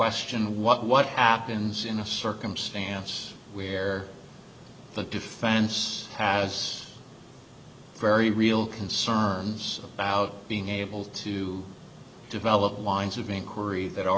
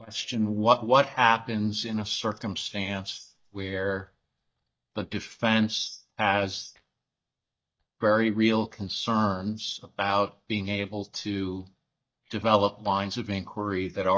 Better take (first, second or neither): first